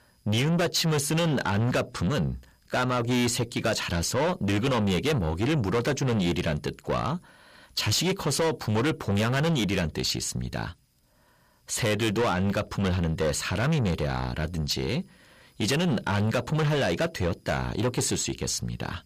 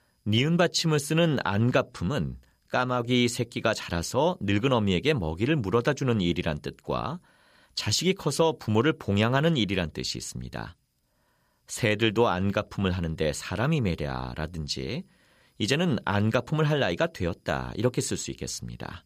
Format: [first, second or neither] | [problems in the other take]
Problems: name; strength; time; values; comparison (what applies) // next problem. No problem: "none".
second | distortion; heavy; 6 dB below the speech